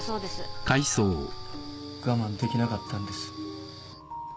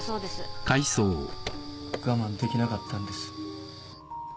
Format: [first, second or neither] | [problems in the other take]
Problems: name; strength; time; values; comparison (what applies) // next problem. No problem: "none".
first | background sound (Car); 11 dB below the speech